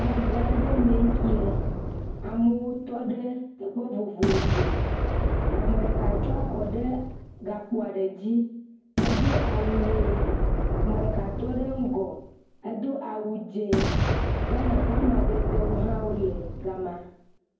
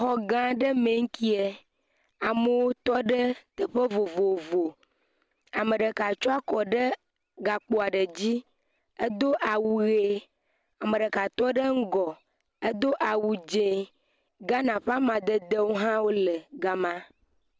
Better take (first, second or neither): second